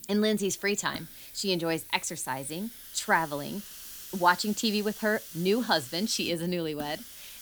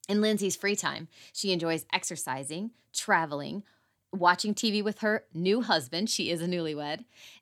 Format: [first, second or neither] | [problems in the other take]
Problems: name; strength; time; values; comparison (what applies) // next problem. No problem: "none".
second | hiss; noticeable; throughout; 15 dB below the speech